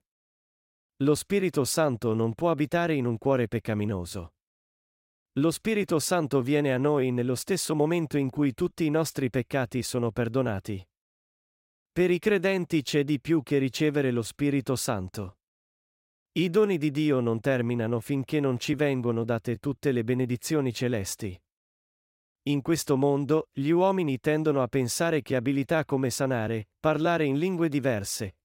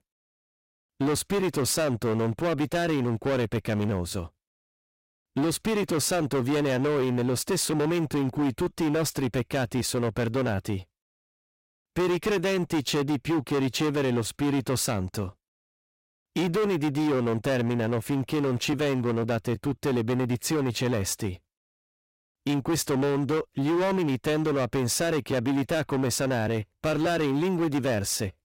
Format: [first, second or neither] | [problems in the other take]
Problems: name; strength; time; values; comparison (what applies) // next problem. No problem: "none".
first | distortion; heavy; 20% of the sound clipped